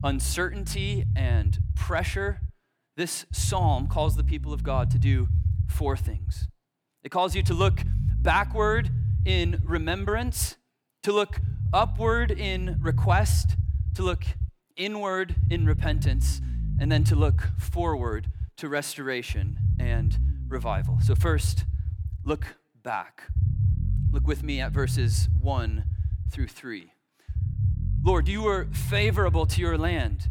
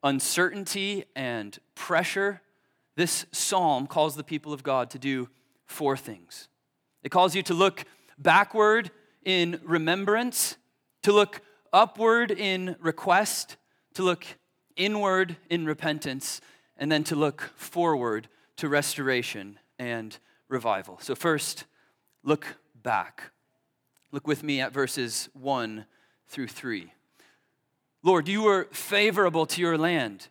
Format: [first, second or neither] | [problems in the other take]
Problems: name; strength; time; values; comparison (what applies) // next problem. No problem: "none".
second | low rumble; noticeable; throughout; 15 dB below the speech